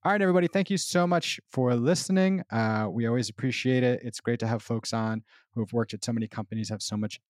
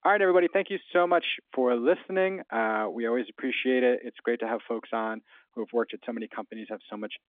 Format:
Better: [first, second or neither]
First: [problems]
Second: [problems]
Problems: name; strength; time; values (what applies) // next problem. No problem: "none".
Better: first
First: none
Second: phone-call audio; nothing above 3.5 kHz